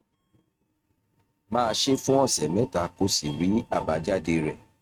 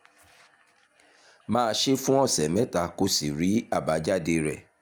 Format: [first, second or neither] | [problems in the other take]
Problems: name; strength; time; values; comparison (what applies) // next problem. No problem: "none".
second | noise reduction (neural mask model RNNoise)